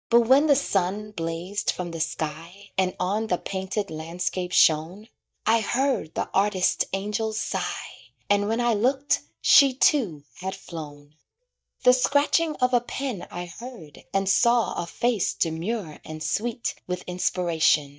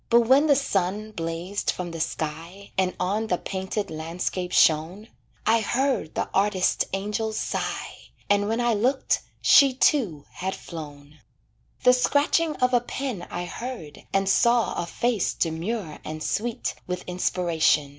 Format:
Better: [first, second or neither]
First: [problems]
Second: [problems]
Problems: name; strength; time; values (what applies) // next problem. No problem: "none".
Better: second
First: noise reduction (neural mask model DeepFilterNet 3)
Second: none